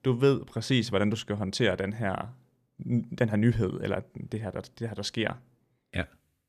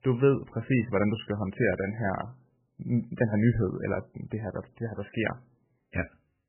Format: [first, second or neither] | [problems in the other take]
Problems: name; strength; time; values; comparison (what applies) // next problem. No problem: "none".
first | garbled, watery; badly; nothing above 3 kHz